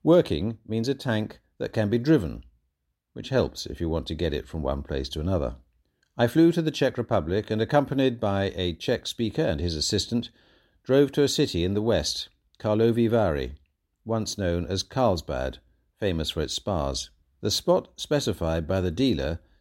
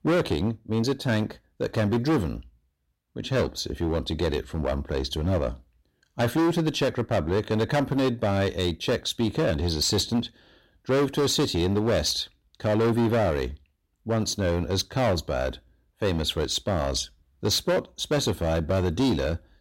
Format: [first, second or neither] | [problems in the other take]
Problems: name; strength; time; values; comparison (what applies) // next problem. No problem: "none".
first | distortion; heavy; 11% of the sound clipped